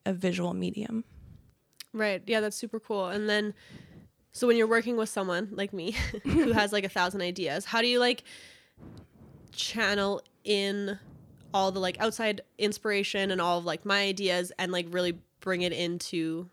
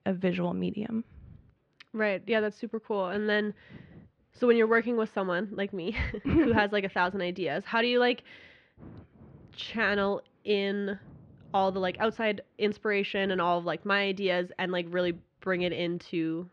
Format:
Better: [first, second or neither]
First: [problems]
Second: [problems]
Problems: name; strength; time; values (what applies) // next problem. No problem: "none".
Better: first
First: none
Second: muffled; slightly; fading above 3 kHz